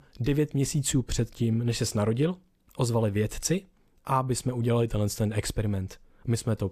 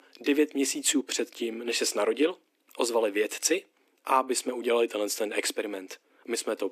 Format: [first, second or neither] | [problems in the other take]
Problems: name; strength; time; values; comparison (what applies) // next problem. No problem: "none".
first | thin; somewhat; fading below 250 Hz